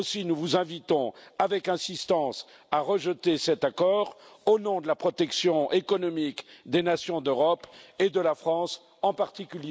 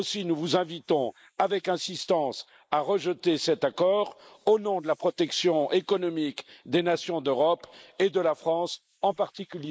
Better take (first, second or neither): first